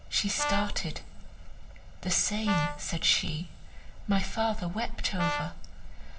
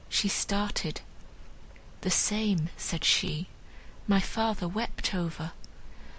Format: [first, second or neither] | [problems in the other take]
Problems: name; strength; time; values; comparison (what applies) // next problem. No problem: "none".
second | background sound (Brass instrument); 6 dB below the speech // room echo; dies away in 0.7 s